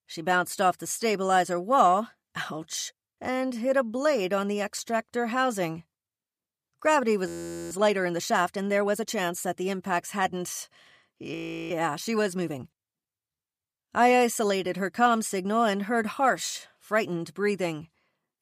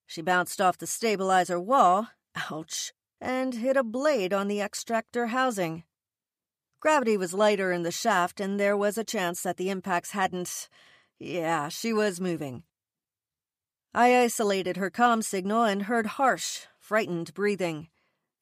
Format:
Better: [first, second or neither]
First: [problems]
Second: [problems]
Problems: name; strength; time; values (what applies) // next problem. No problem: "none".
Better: second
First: audio freezing; at 7.5 s and at 11 s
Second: none